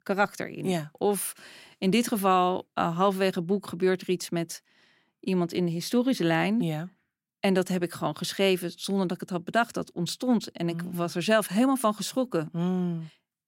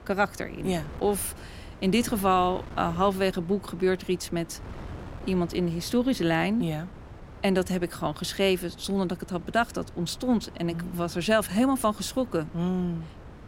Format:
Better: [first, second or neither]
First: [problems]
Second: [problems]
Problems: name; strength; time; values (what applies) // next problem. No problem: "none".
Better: first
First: none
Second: wind noise on the microphone; occasional gusts; 20 dB below the speech